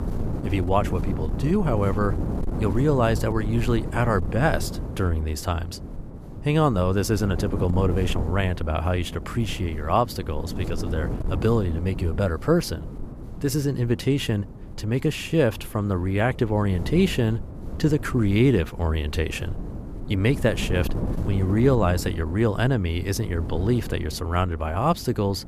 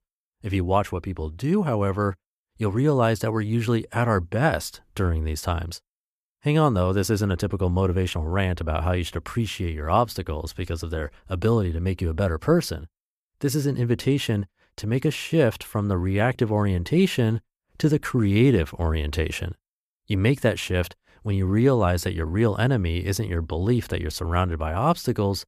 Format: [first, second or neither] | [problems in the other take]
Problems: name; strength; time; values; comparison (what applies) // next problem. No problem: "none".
second | wind noise on the microphone; occasional gusts; 15 dB below the speech